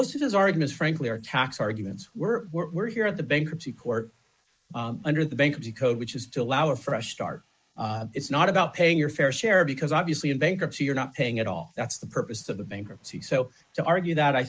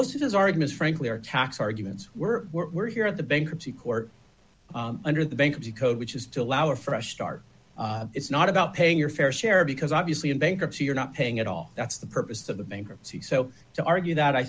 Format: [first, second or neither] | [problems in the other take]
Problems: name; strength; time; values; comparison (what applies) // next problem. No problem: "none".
second | noise reduction (neural mask model Resemble Enhance denoiser)